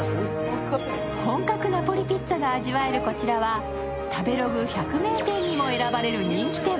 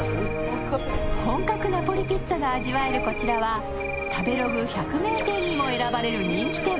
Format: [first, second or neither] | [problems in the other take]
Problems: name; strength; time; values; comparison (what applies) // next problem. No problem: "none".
first | background sound (Cricket); 7 dB below the speech